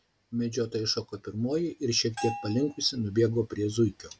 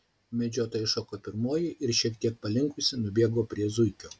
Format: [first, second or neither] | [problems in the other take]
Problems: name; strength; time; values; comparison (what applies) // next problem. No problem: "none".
second | background sound (Bell); 12 dB below the speech